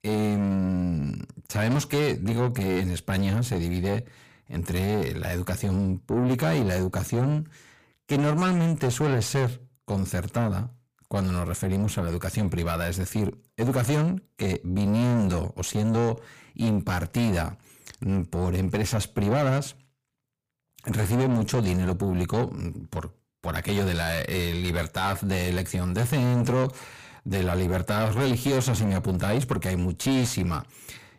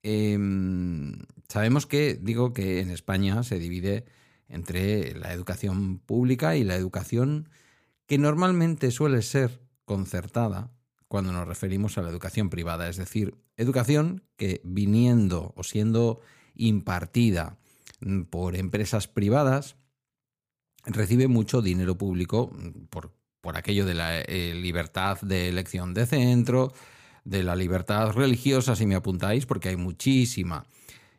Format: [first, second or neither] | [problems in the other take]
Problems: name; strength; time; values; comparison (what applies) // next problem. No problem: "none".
second | distortion; heavy; 6 dB below the speech